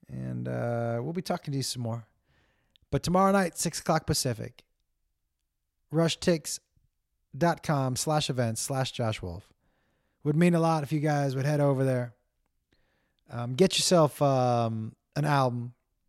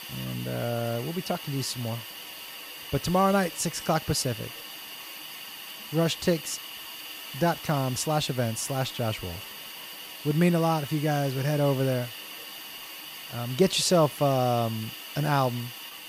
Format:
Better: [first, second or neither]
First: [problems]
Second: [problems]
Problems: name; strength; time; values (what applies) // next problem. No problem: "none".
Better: first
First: none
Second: hiss; noticeable; throughout; 10 dB below the speech